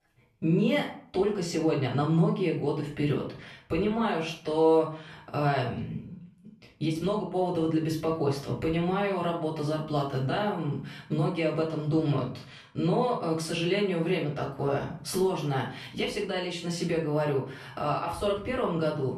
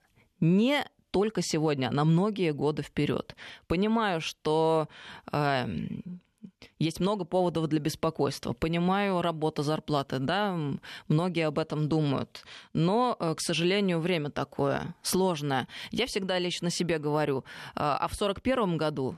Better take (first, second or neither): second